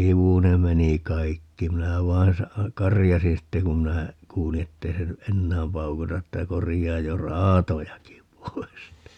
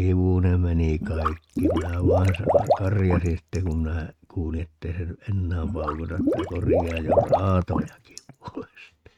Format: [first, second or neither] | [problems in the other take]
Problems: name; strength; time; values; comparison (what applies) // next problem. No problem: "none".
first | noise reduction (neural mask model RNNoise)